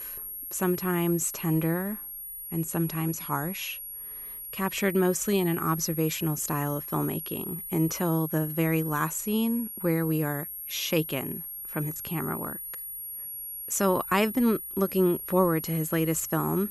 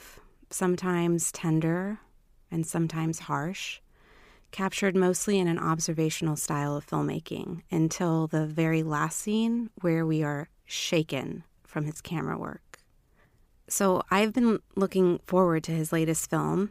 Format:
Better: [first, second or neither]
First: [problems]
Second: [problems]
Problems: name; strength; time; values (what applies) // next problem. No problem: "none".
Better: second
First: high-pitched whine; loud; throughout; 11.5 kHz, 7 dB below the speech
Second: none